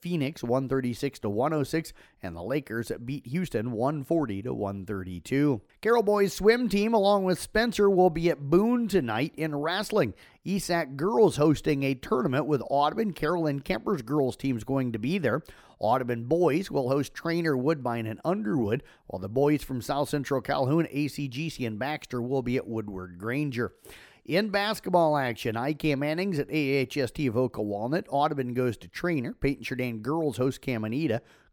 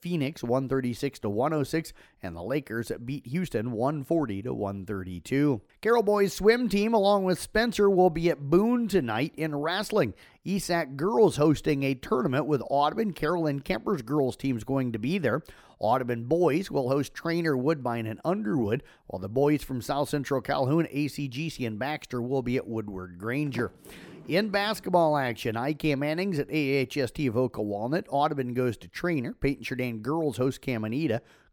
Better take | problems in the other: first | door banging; faint; from 23 to 25 s; peak 15 dB below the speech

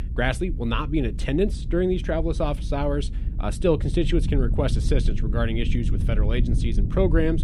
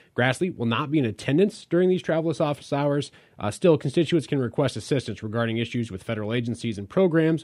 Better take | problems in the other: second | low rumble; noticeable; throughout; 15 dB below the speech

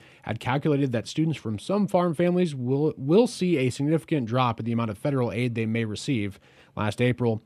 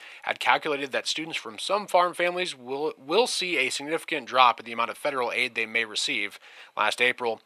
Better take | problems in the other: first | thin; very; fading below 850 Hz

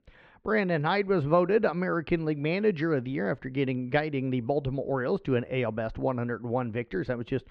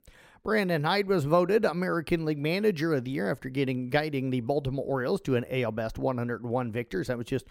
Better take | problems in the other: second | muffled; slightly; fading above 3 kHz

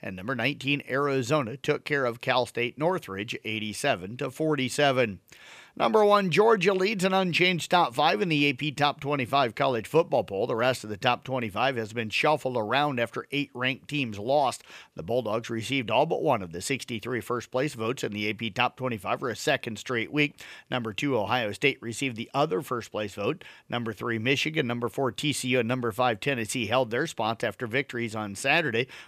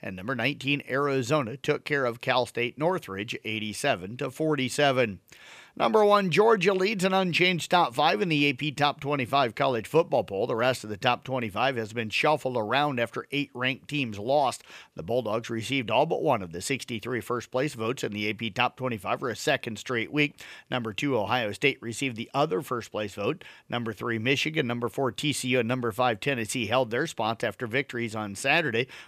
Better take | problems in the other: neither | none

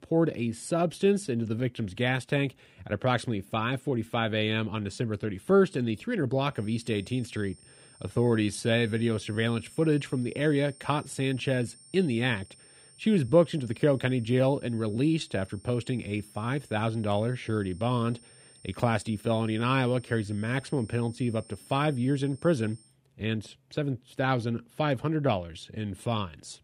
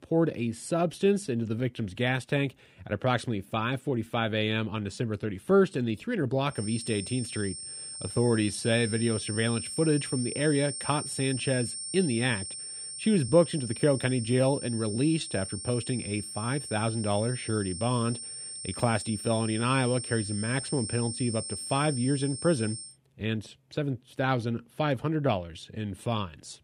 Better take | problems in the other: first | high-pitched whine; loud; from 6.5 to 23 s; 8.5 kHz, 7 dB below the speech; faint in the first

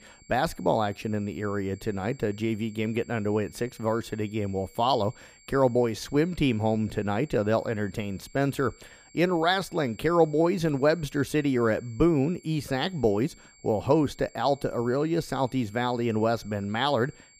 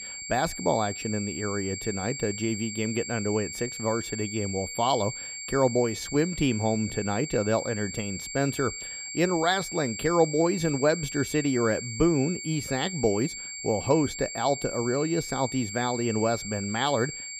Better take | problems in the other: first | high-pitched whine; loud; throughout; 2.5 kHz, 7 dB below the speech; faint in the first

